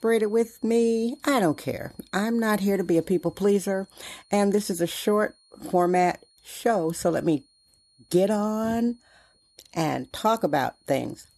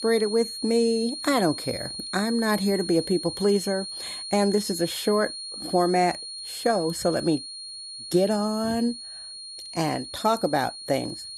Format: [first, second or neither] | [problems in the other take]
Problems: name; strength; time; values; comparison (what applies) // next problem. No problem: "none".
first | high-pitched whine; loud; throughout; 4.5 kHz, 8 dB below the speech; faint in the first